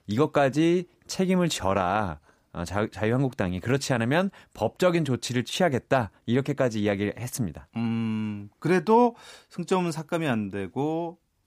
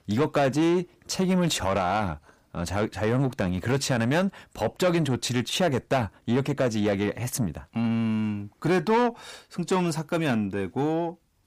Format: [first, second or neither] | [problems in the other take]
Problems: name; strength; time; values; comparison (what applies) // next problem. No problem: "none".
first | distortion; slight; 10 dB below the speech